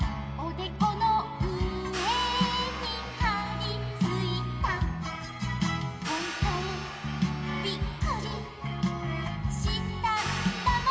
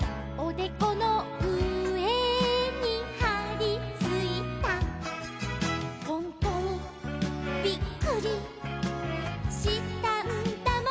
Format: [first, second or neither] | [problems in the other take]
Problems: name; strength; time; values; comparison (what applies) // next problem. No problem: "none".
second | background sound (Hi-hat); 12 dB below the speech // room echo; dies away in 2.1 s